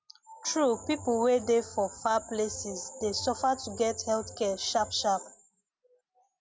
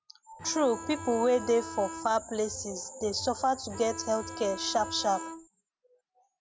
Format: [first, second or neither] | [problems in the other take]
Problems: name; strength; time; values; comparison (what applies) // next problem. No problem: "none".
first | background sound (Bowed string instrument); 11 dB below the speech